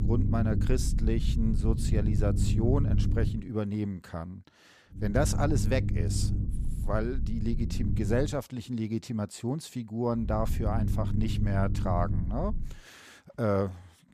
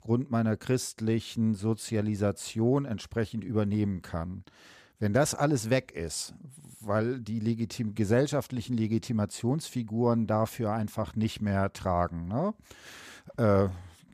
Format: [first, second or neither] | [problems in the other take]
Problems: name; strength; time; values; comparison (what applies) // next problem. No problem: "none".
second | low rumble; loud; until 3.5 s, from 5 to 8.5 s and from 10 to 13 s; 9 dB below the speech